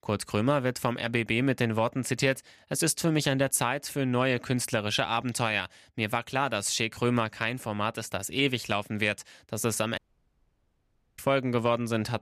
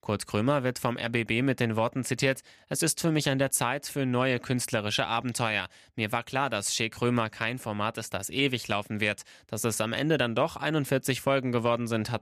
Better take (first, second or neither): second